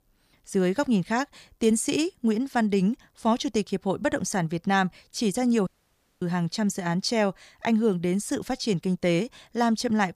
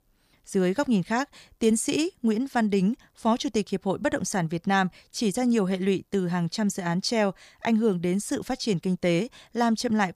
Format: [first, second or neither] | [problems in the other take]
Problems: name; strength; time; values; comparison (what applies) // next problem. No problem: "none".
second | audio cutting out; at 5.5 s for 0.5 s